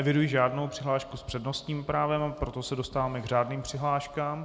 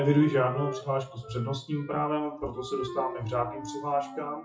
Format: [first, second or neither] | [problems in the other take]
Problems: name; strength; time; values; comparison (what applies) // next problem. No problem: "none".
first | noise reduction (classical method WPE with log-MMSE)